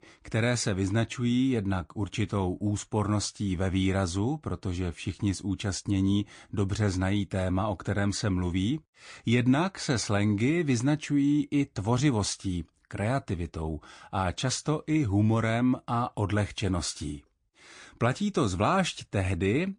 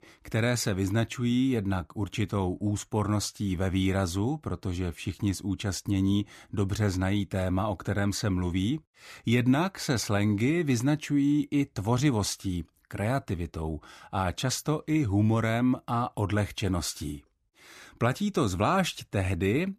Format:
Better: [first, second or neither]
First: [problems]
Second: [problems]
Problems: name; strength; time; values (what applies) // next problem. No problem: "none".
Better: second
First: garbled, watery; slightly; nothing above 9 kHz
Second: none